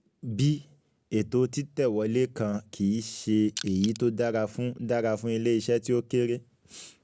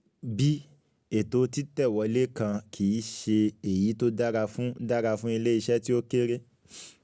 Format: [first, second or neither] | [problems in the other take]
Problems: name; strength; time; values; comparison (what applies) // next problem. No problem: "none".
second | background sound (Crushing); 13 dB below the speech